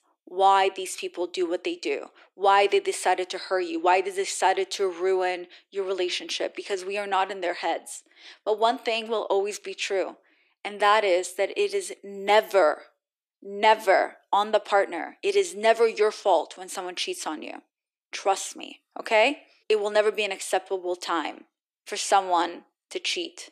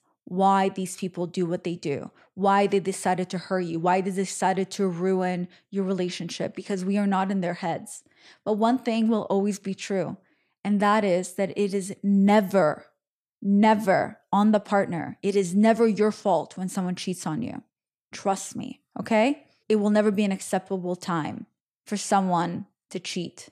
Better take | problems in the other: second | thin; very; fading below 350 Hz

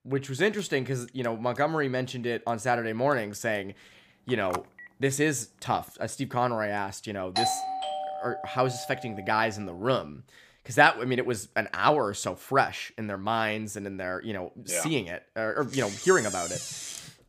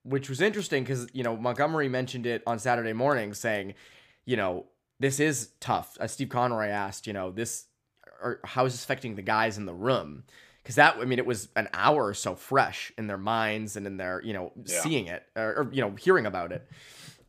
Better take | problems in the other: second | phone ringing; noticeable; at 4.5 s; peak 9 dB below the speech // doorbell; loud; from 7.5 to 9 s; peak 1 dB above the speech // door banging; noticeable; from 16 s on; peak 4 dB below the speech

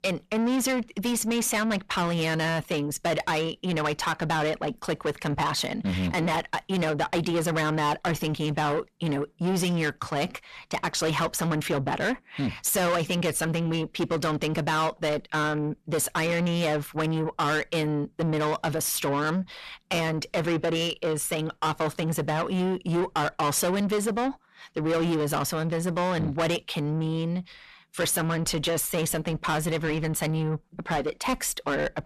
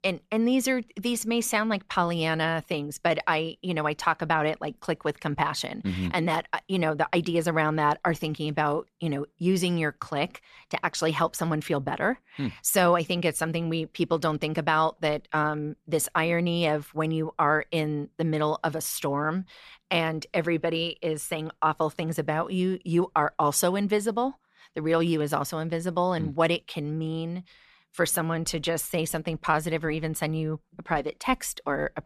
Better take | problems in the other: second | distortion; heavy; 7 dB below the speech

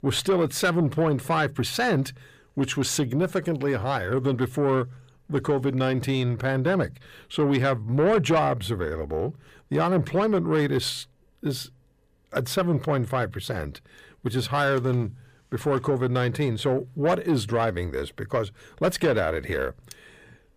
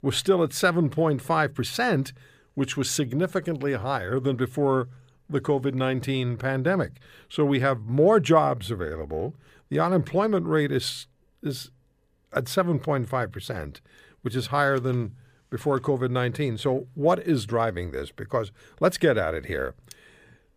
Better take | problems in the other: second | distortion; slight; 10 dB below the speech

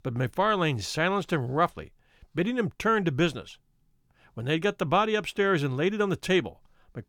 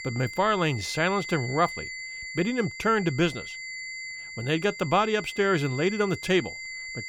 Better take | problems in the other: first | high-pitched whine; loud; throughout; 2 kHz, 10 dB below the speech

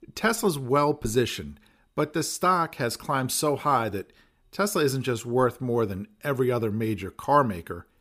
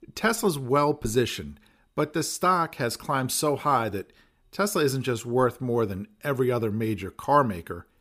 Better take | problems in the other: neither | none

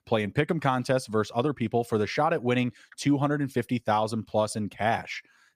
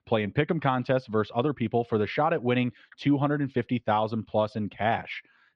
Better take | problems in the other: first | muffled; slightly; fading above 3.5 kHz

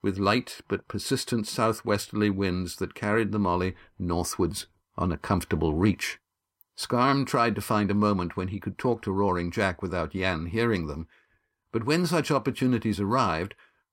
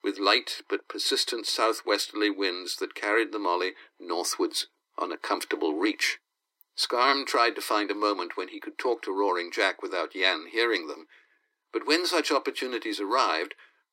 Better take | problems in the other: first | thin; very; fading below 300 Hz

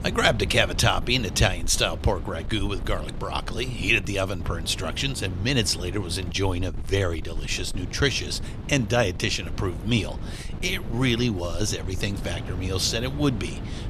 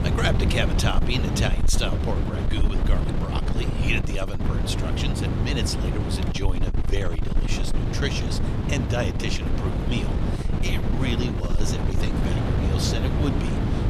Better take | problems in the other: first | wind noise on the microphone; heavy; 3 dB below the speech; occasional gusts in the first

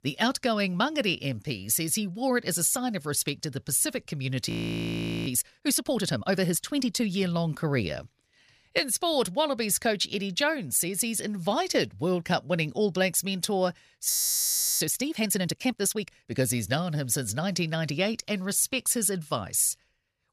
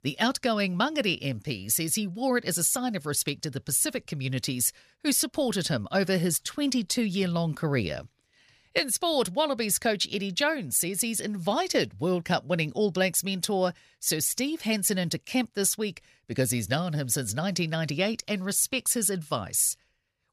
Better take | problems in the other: second | audio freezing; at 4.5 s for 1 s and at 14 s for 0.5 s

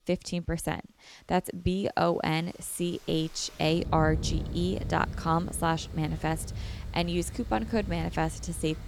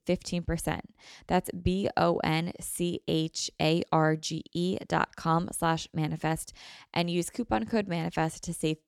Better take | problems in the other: second | rain or running water; loud; throughout; 8 dB below the speech

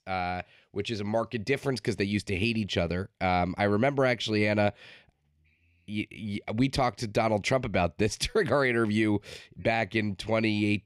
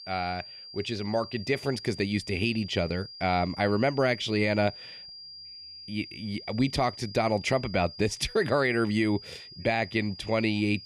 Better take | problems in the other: first | high-pitched whine; noticeable; throughout; 5 kHz, 15 dB below the speech

